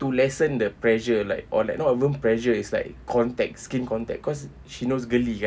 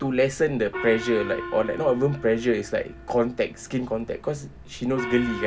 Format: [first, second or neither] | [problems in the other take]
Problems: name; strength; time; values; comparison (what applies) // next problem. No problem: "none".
first | background sound (Gong); 12 dB below the speech